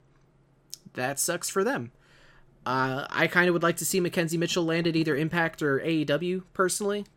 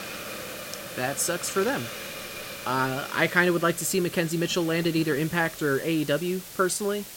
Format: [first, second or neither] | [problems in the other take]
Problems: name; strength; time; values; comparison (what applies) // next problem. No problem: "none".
first | hiss; noticeable; throughout; 10 dB below the speech